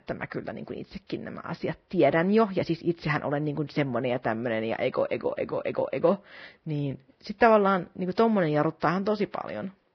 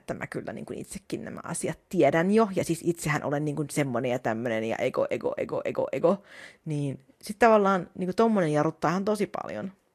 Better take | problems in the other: second | garbled, watery; badly; nothing above 5.5 kHz; slightly in the second

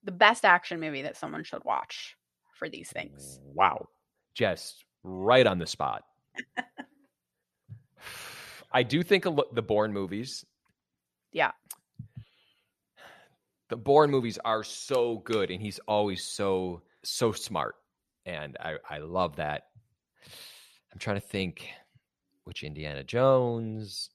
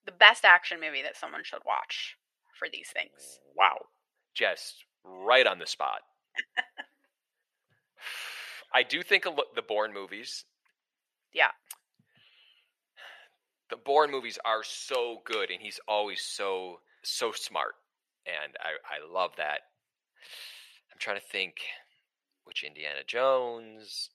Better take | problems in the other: first | thin; very; fading below 600 Hz

